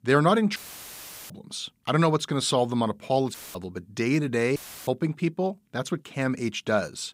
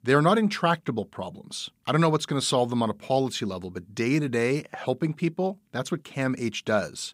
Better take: second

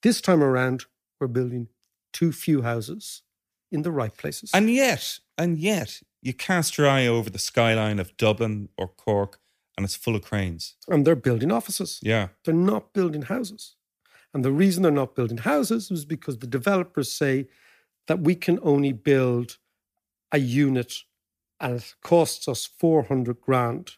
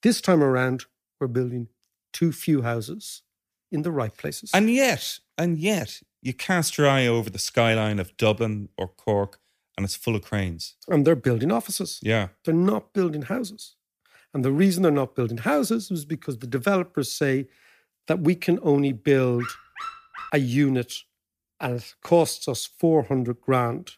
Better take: first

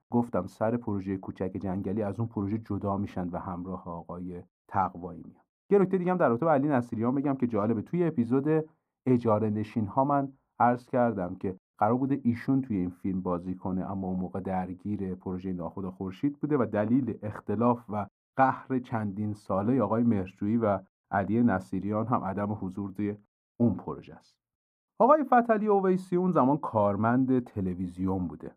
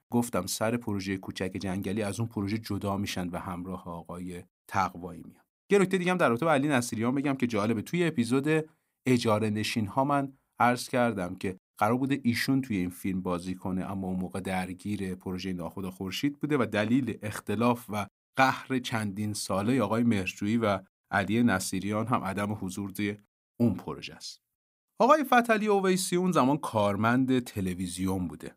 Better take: second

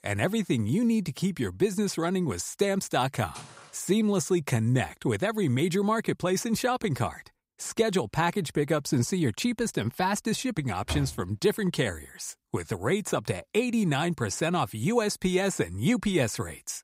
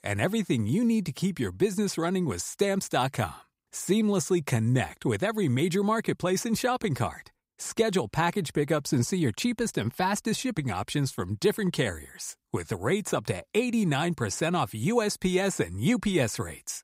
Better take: second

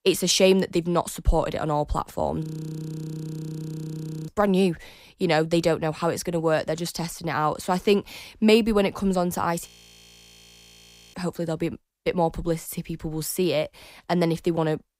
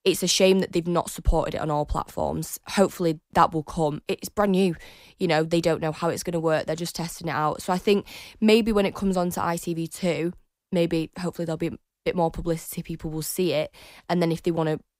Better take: second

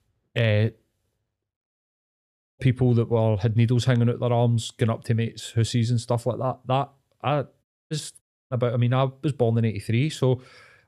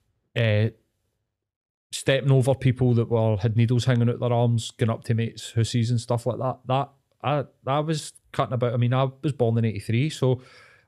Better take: second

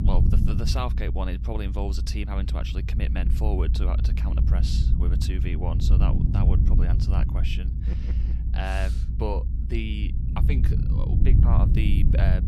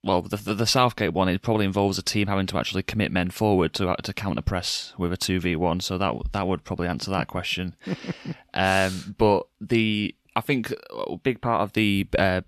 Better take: second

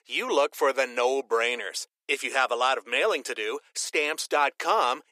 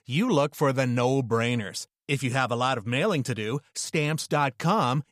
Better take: second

